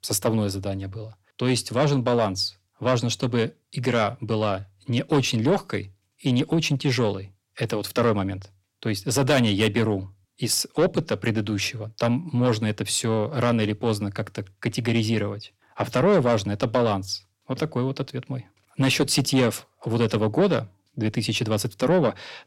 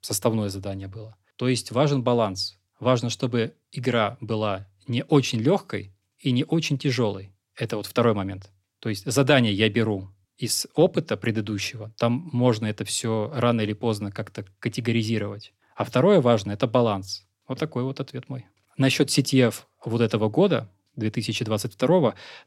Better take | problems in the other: second | distortion; slight; 10 dB below the speech

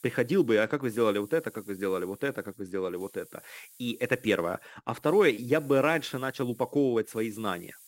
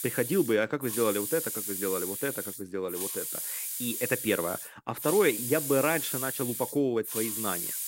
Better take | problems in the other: first | hiss; loud; throughout; 3 dB below the speech; faint in the first

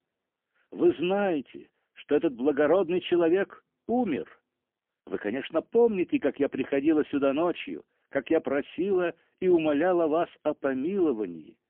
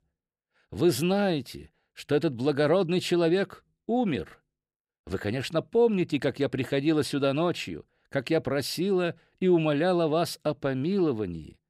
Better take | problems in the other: second | phone-call audio; poor line; nothing above 3 kHz

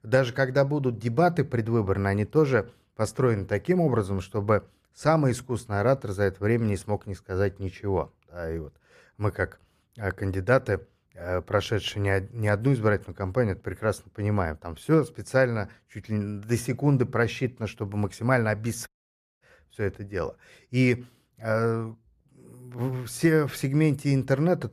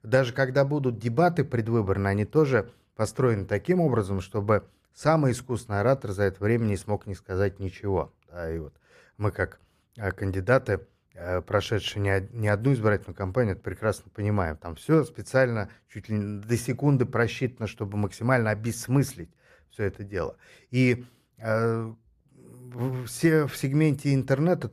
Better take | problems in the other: second | audio cutting out; at 19 s for 0.5 s

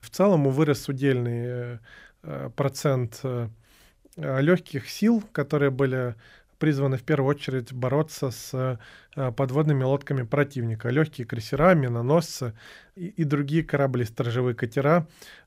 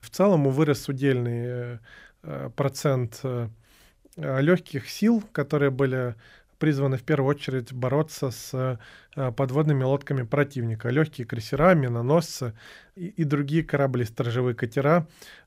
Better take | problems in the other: neither | none

